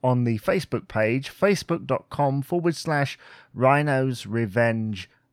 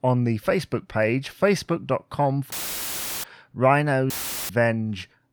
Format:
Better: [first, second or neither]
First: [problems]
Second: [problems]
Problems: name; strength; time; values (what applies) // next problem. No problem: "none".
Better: first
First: none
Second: audio cutting out; filled with static; at 2.5 s for 0.5 s and at 4 s